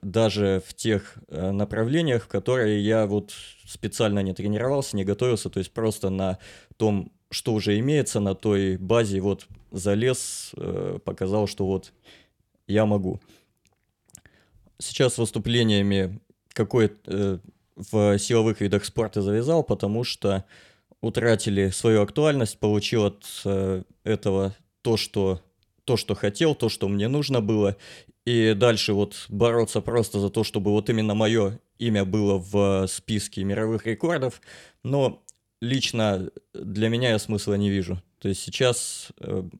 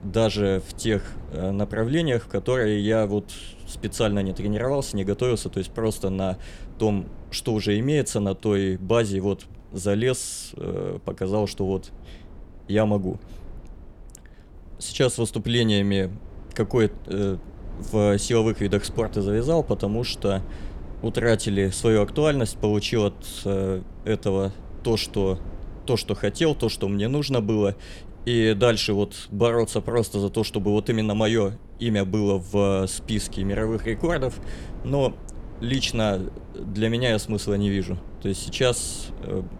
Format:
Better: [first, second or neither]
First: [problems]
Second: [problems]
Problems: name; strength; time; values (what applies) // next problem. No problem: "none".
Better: first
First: none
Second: wind noise on the microphone; occasional gusts; 25 dB below the speech